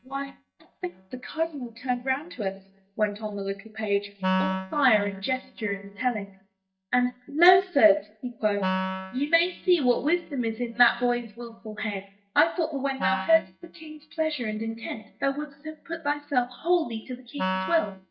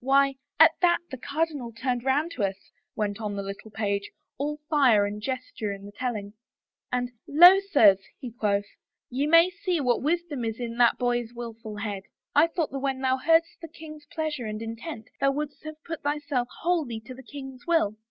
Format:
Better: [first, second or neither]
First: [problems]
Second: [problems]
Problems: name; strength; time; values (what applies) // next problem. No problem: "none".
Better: second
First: noise reduction (neural mask model DeepFilterNet 3)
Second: none